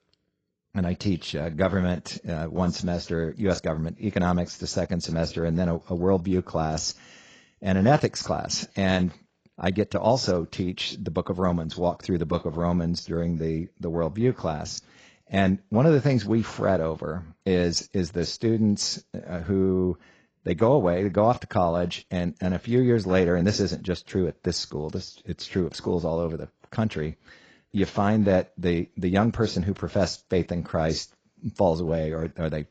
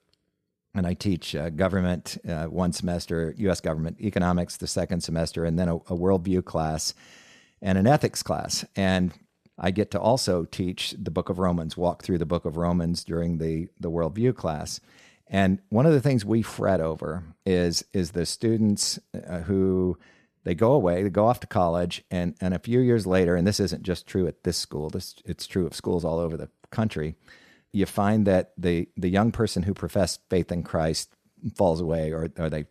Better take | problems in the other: second | garbled, watery; badly; nothing above 7.5 kHz

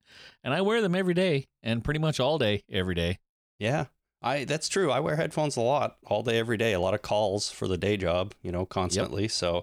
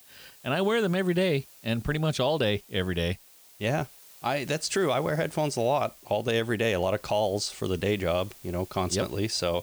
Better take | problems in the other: first | hiss; faint; throughout; 20 dB below the speech

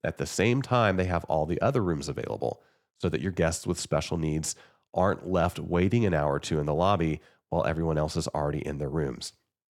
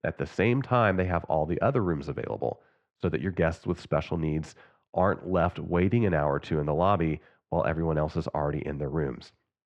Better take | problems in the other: first | muffled; very; fading above 2 kHz

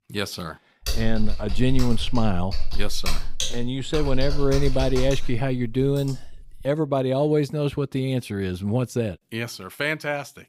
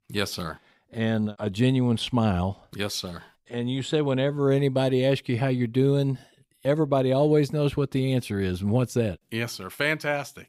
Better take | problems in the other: second | keyboard typing; noticeable; from 1 to 6 s; peak 2 dB below the speech

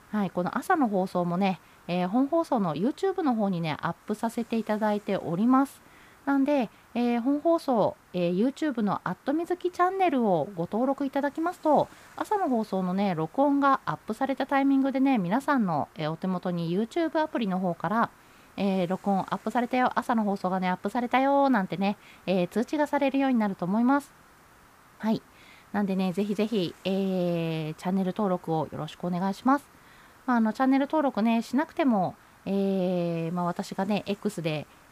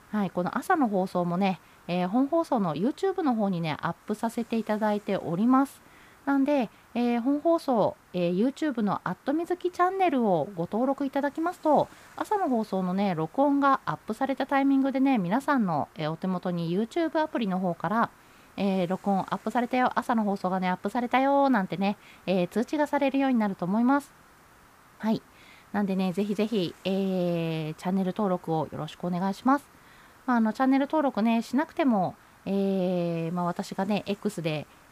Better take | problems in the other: neither | hiss; faint; throughout; 30 dB below the speech; the same in both

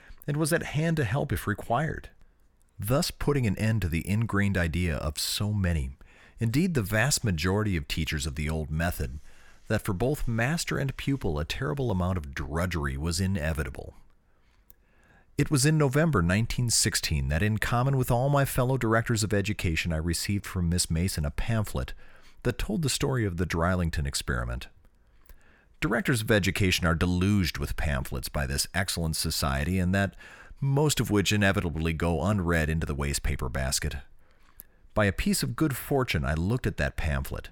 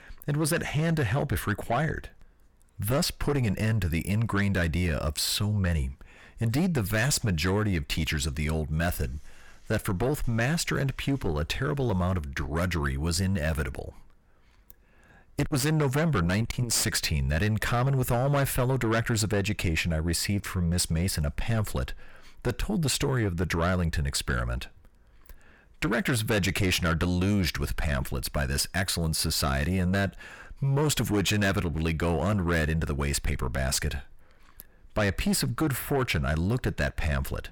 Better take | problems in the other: first | distortion; slight; 10 dB below the speech

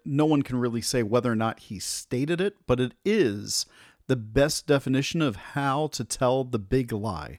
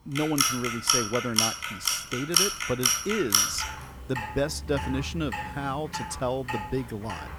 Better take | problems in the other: first | household noises; very loud; throughout; 5 dB above the speech

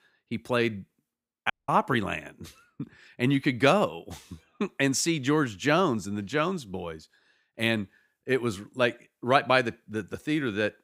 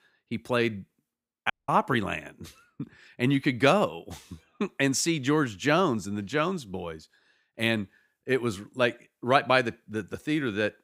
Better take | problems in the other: neither | audio cutting out; at 1.5 s; the same in both

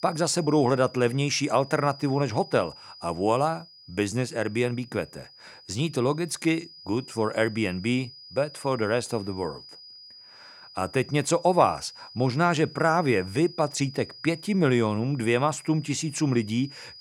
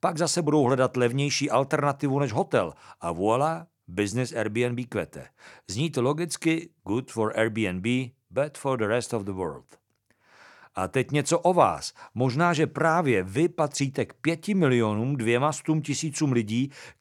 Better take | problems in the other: second | high-pitched whine; noticeable; throughout; 5 kHz, 20 dB below the speech

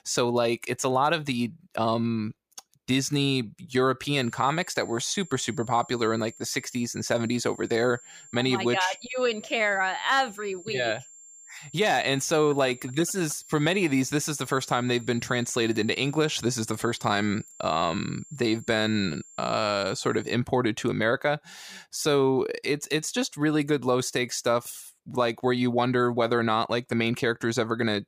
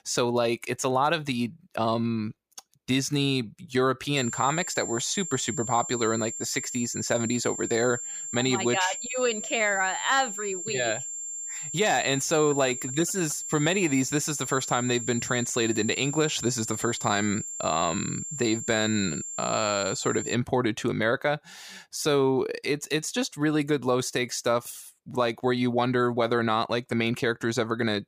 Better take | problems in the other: first | high-pitched whine; loud; from 4 to 20 s; 7.5 kHz, 6 dB below the speech; faint in the first

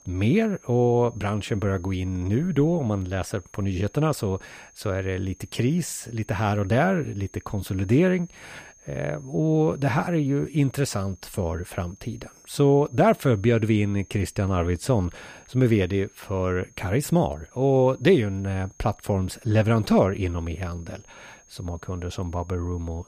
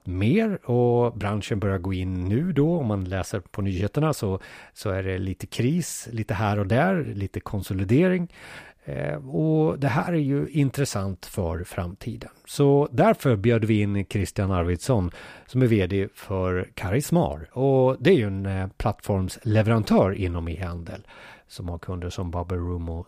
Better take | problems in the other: second | high-pitched whine; faint; throughout; 6.5 kHz, 30 dB below the speech

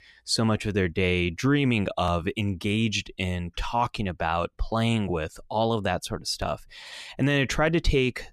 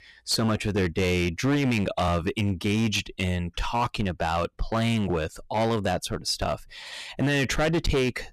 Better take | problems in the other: first | distortion; slight; 11% of the sound clipped

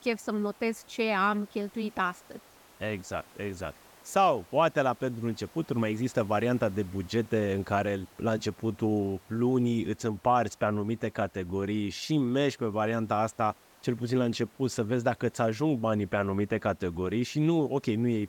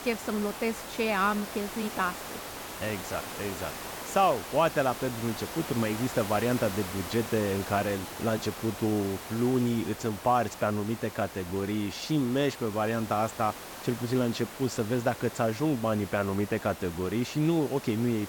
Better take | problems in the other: first | hiss; loud; throughout; 10 dB below the speech; faint in the first

